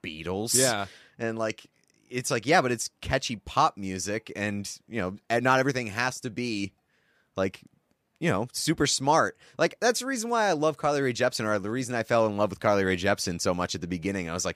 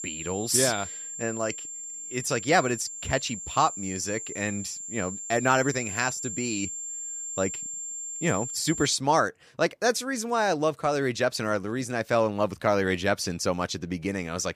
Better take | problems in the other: first | high-pitched whine; loud; until 9 s; 7.5 kHz, 7 dB below the speech

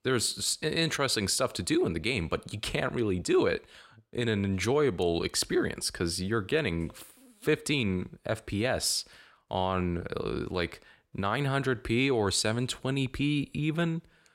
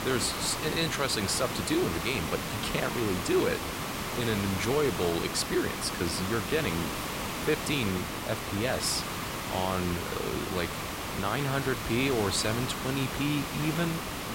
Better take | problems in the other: first | hiss; loud; throughout; 3 dB below the speech

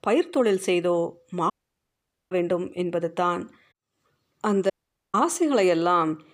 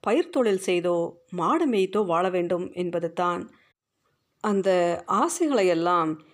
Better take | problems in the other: second | audio cutting out; at 1.5 s for 1 s and at 4.5 s

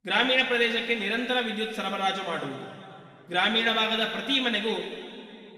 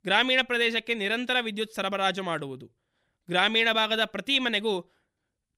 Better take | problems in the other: second | room echo; noticeable; dies away in 2.2 s // off-mic speech; somewhat distant

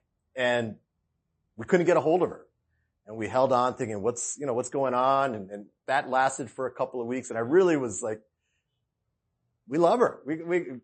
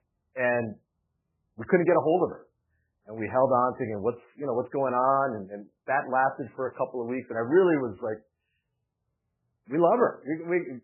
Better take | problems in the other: first | garbled, watery; badly; nothing above 3 kHz; slightly in the first

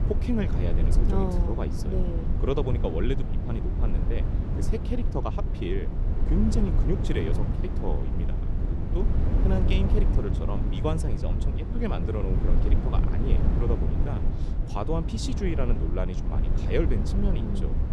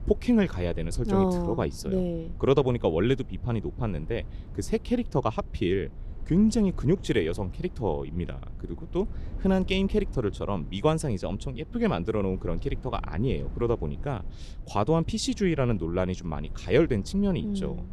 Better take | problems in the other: second | low rumble; loud; throughout; 4 dB below the speech; faint in the second

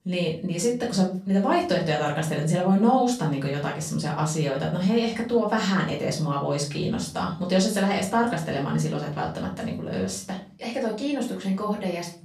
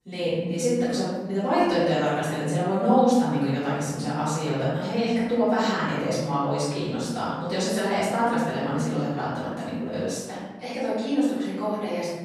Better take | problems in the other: first | room echo; strong; dies away in 1.1 s; slight in the first // off-mic speech; far; far in the first

